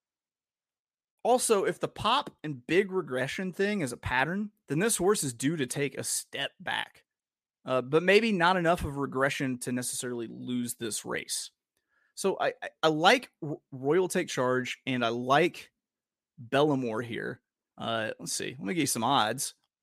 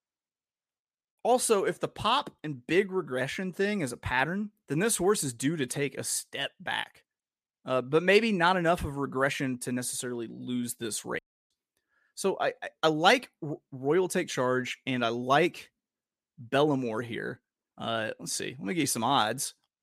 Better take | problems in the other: first | audio cutting out; at 11 s

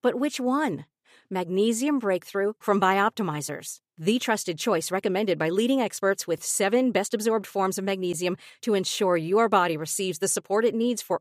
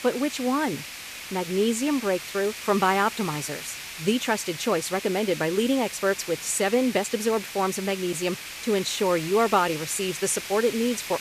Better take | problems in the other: first | hiss; loud; throughout; 9 dB below the speech

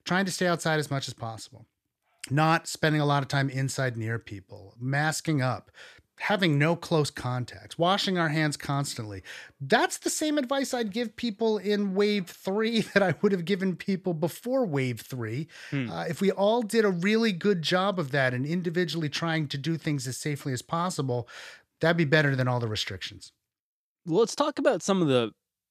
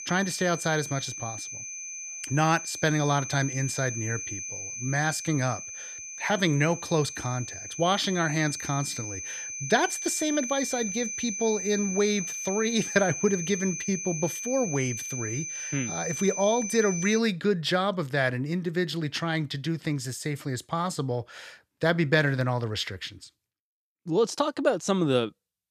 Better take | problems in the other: first | high-pitched whine; loud; until 17 s; 6 kHz, 6 dB below the speech

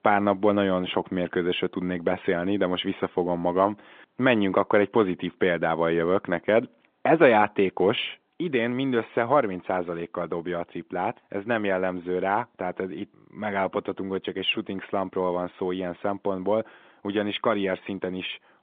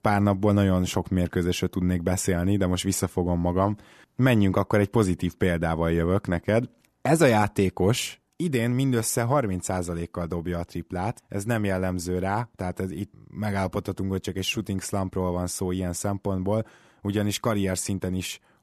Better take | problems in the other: second | phone-call audio; nothing above 3.5 kHz

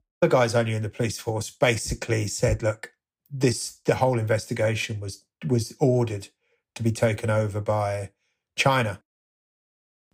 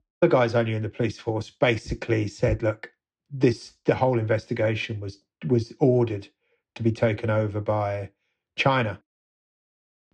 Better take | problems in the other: first | muffled; slightly; fading above 4 kHz

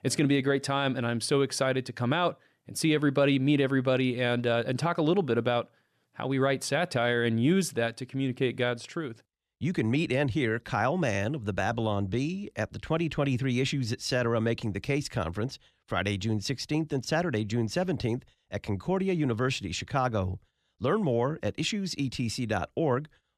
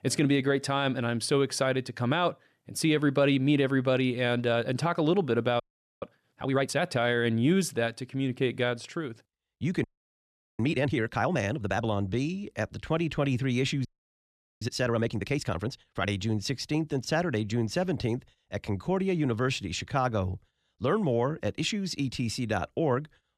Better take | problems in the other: first | audio freezing; at 5.5 s, at 10 s for 1 s and at 14 s for 1 s

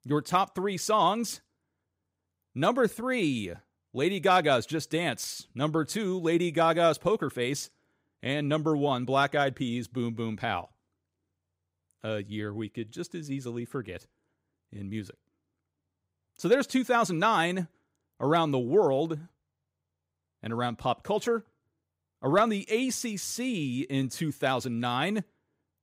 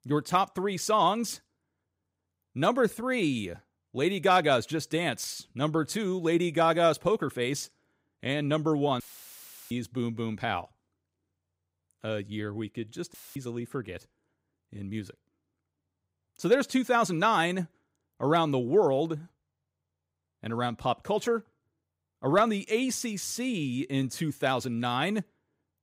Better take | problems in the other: first | audio cutting out; filled with static; at 9 s for 0.5 s and at 13 s

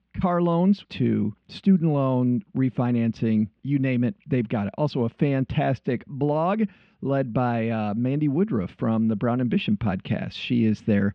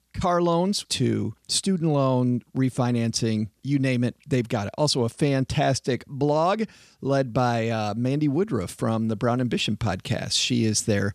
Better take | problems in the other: second | muffled; very; fading above 3 kHz

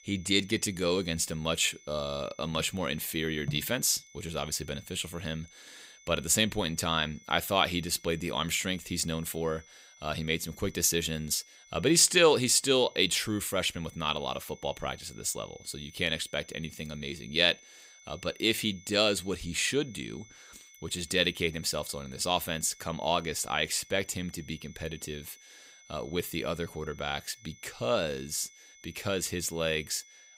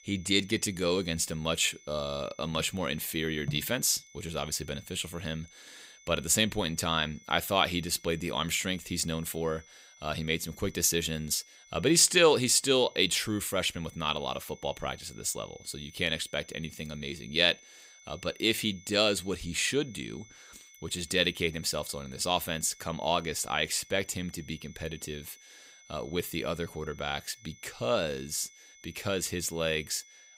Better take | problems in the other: neither | high-pitched whine; faint; throughout; 6 kHz, 25 dB below the speech; the same in both

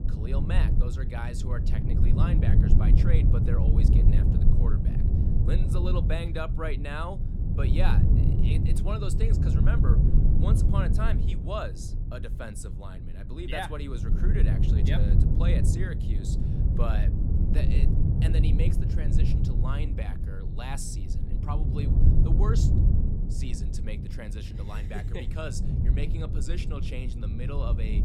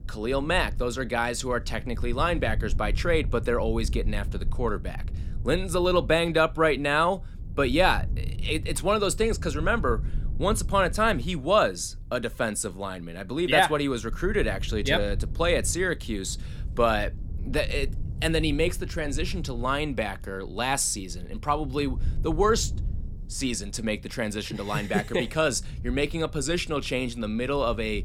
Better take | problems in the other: second | low rumble; loud; throughout; 1 dB below the speech; faint in the second

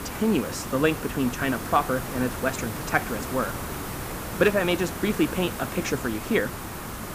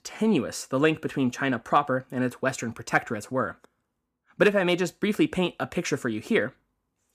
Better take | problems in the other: second | hiss; loud; throughout; 7 dB below the speech

